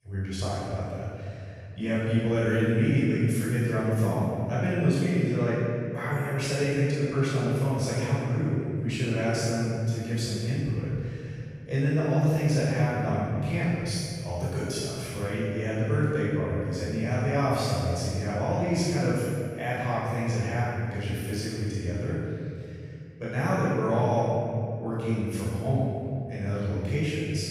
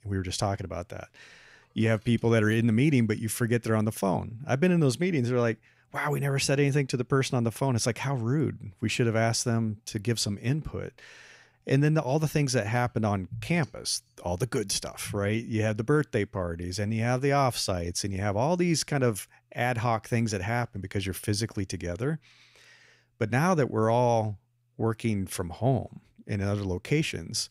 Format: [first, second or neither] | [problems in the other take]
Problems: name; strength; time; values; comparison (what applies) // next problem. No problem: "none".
second | off-mic speech; far // room echo; strong; dies away in 2.5 s